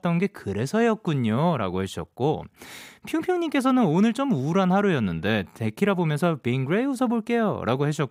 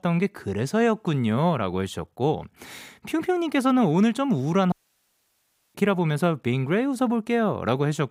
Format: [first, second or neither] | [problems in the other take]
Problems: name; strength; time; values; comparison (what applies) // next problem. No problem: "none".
first | audio cutting out; at 4.5 s for 1 s